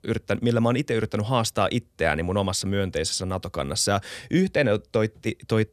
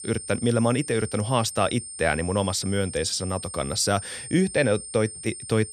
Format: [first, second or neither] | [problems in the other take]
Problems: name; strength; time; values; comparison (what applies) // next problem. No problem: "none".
first | high-pitched whine; noticeable; throughout; 8.5 kHz, 10 dB below the speech